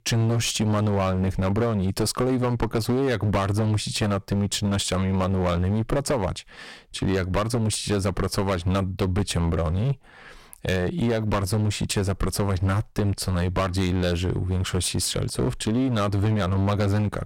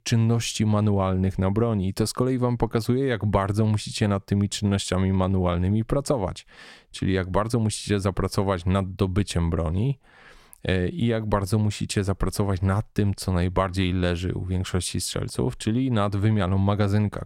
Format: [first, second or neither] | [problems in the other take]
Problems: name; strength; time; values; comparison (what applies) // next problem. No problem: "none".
second | distortion; heavy; 19% of the sound clipped